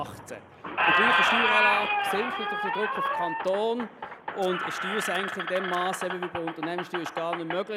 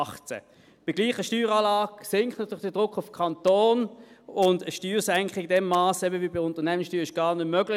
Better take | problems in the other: second | background sound (Squeak); 3 dB above the speech

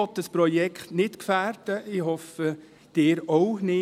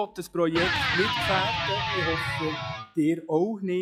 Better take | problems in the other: first | noise reduction (classical method log-MMSE)

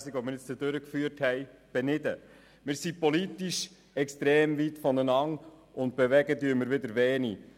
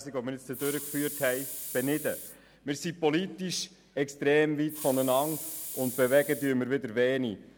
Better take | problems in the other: first | background sound (Hiss); 10 dB below the speech

